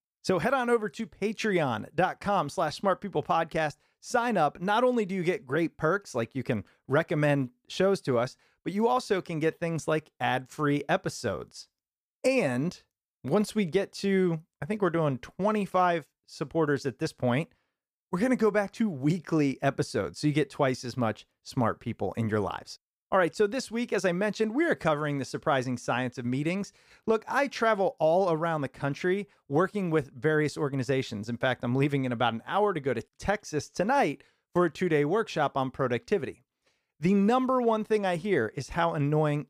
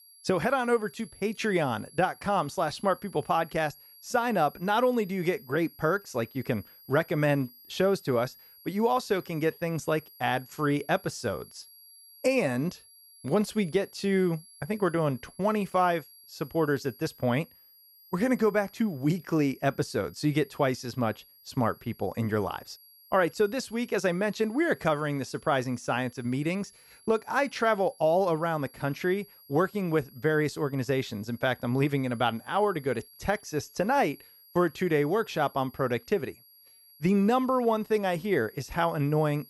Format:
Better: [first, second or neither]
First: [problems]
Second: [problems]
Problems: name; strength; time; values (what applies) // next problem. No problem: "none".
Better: first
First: none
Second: high-pitched whine; faint; throughout; 11.5 kHz, 25 dB below the speech